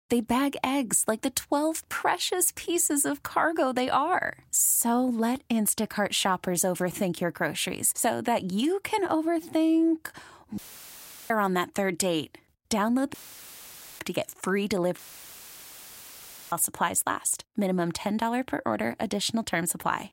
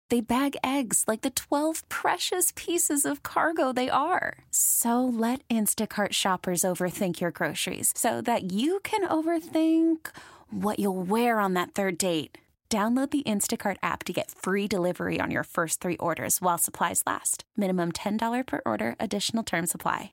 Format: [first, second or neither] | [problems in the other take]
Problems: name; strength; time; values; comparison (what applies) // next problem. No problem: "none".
second | audio cutting out; filled with static; at 11 s for 0.5 s, at 13 s for 1 s and at 15 s for 1.5 s